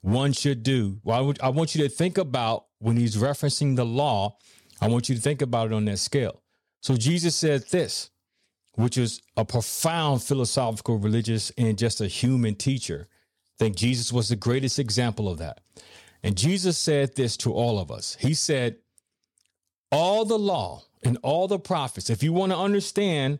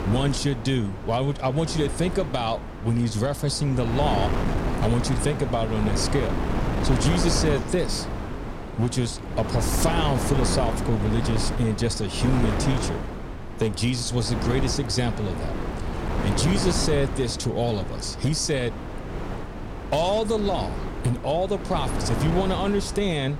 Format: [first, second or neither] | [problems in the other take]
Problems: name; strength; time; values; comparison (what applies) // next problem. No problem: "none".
first | wind noise on the microphone; heavy; 5 dB below the speech